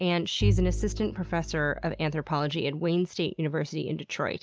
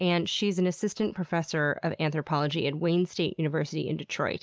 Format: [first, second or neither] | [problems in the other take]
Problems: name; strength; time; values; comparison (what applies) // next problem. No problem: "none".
second | background sound (Bowed string instrument); 4 dB below the speech